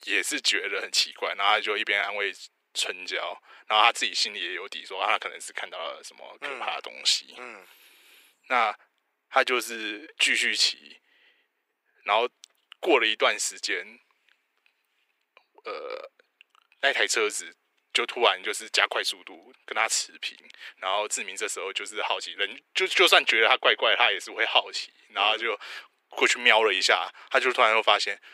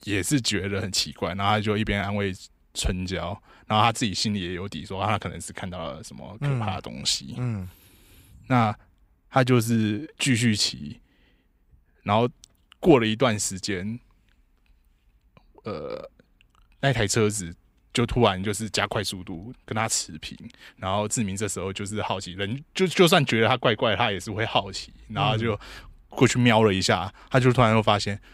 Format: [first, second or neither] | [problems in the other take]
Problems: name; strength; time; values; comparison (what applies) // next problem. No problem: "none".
second | thin; very; fading below 350 Hz